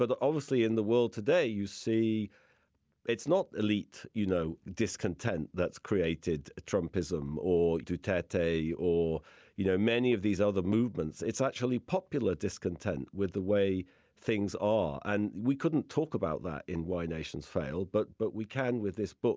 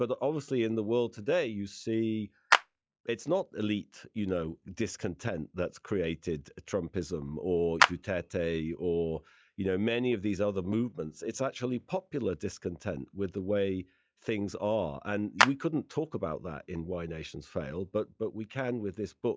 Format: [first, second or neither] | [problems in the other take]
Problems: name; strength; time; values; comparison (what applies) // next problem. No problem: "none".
first | noise reduction (classical method log-MMSE)